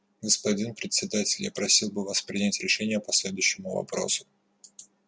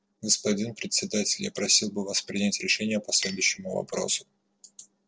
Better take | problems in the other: first | noise reduction (neural separator model SepFormer DNS4)

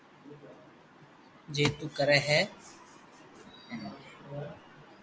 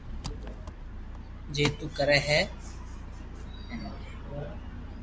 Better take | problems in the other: first | background sound (Engine); 7 dB below the speech

